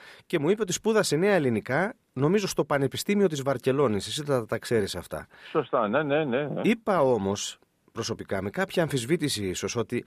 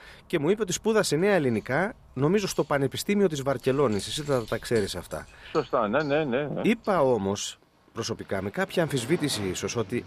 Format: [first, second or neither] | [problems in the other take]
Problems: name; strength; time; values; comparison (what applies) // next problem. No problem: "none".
first | household noises; faint; throughout; 20 dB below the speech